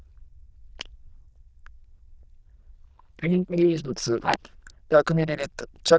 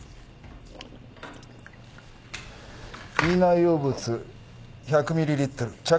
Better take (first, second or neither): second